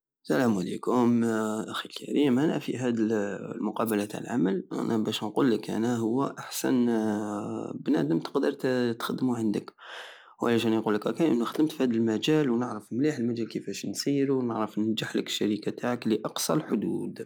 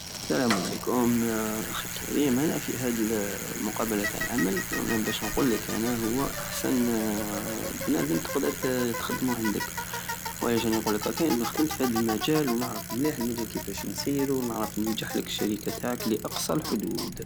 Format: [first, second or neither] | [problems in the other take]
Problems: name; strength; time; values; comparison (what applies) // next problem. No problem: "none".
first | background sound (Bicycle); 6 dB below the speech